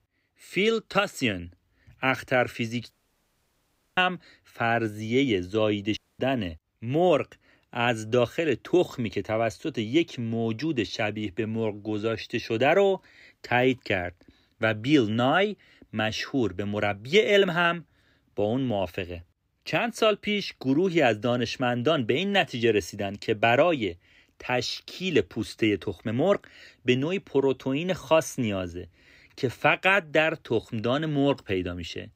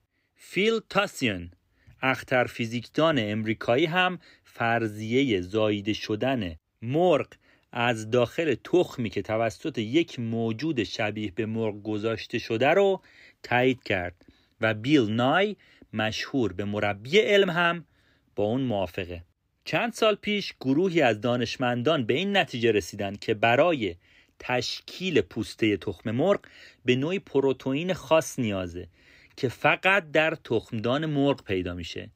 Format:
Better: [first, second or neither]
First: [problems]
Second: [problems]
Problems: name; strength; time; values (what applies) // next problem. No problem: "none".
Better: second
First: audio cutting out; at 3 s for 1 s and at 6 s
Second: none